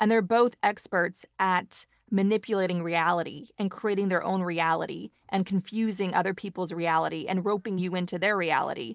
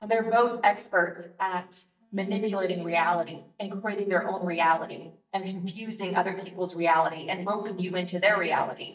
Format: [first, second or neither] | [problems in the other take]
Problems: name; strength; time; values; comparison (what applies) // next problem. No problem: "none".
first | noise reduction (neural mask model DeepFilterNet 3)